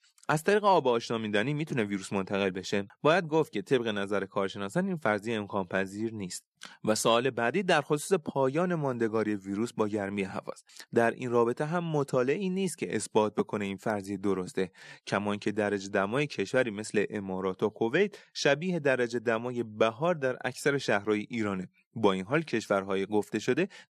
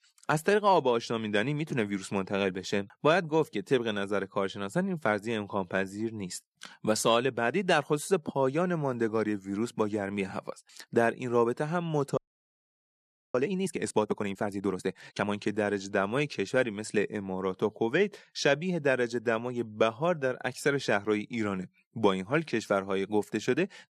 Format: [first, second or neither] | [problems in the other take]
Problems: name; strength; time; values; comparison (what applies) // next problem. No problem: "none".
first | audio freezing; at 12 s for 1 s